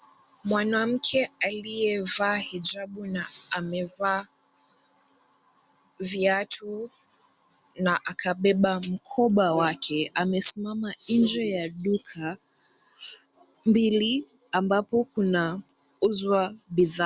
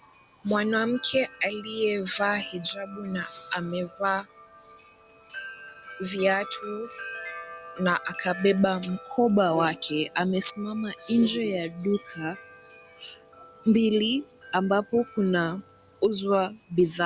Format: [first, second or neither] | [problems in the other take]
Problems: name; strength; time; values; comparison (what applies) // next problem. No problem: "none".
first | background sound (Wind chime); 17 dB below the speech